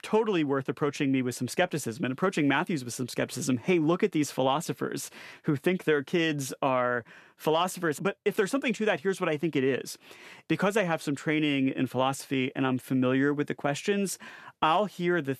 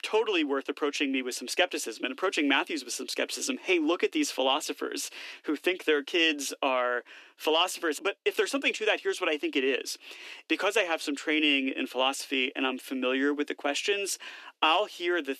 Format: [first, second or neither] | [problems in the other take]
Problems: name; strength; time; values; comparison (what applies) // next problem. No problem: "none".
first | thin; very slightly; fading below 300 Hz